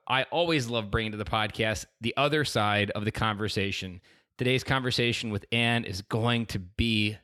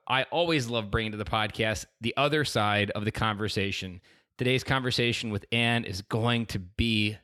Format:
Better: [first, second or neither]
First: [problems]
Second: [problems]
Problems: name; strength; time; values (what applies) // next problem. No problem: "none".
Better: neither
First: none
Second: none